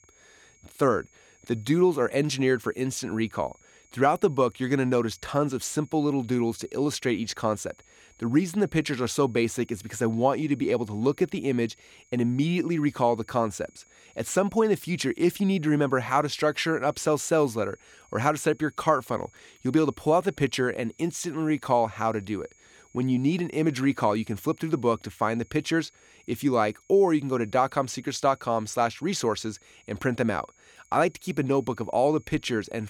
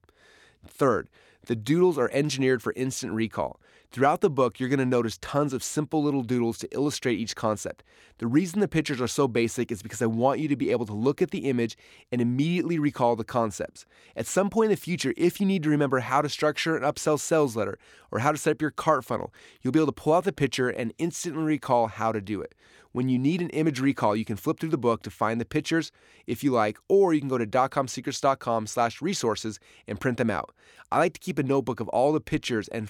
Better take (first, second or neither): second